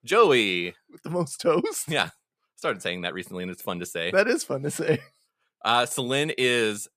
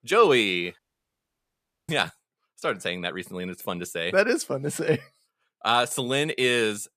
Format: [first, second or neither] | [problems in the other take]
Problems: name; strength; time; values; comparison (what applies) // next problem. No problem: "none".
first | audio cutting out; at 1 s for 1 s